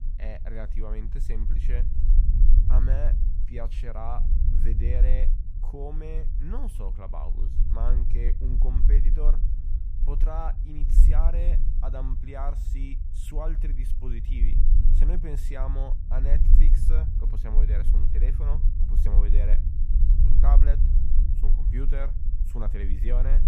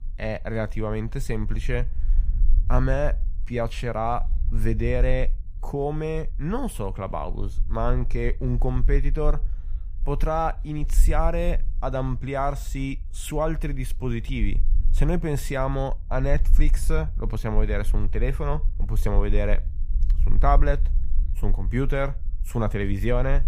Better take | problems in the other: second | low rumble; loud; throughout; 6 dB below the speech; faint in the second

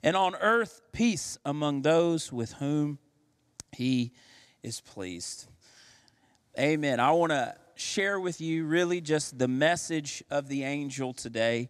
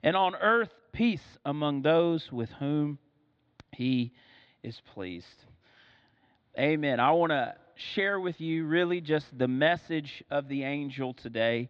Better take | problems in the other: first | muffled; very; fading above 3.5 kHz

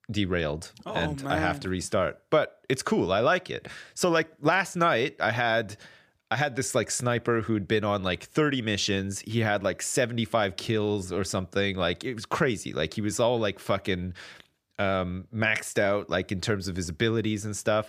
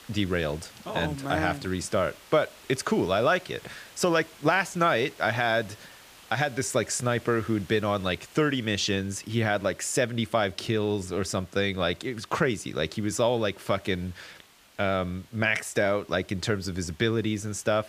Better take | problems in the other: first | hiss; faint; throughout; 25 dB below the speech

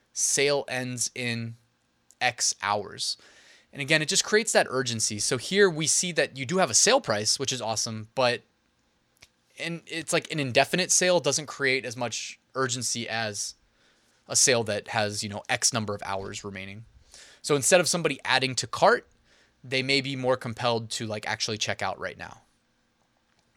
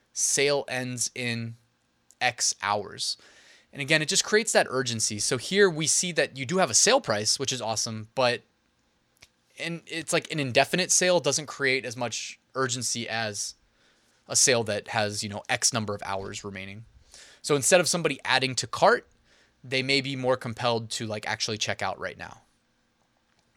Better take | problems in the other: neither | none

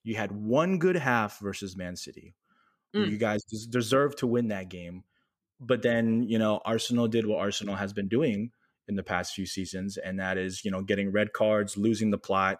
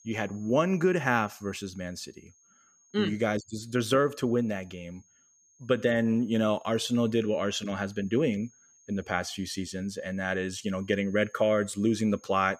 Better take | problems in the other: first | high-pitched whine; faint; throughout; 6.5 kHz, 30 dB below the speech

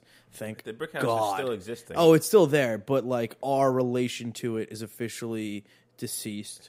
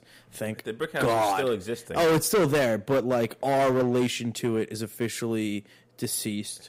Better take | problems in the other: first | distortion; heavy; 9% of the sound clipped

